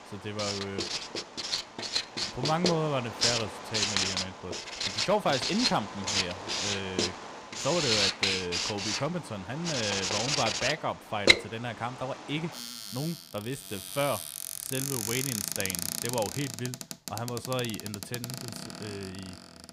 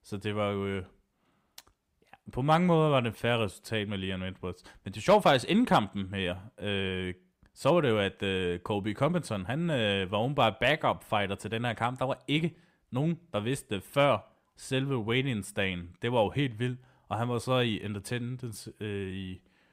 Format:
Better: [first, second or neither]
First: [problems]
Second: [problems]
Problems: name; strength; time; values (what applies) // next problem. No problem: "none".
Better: second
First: household noises; very loud; throughout; 3 dB above the speech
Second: none